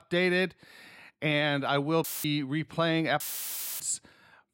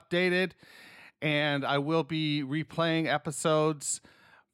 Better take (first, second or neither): second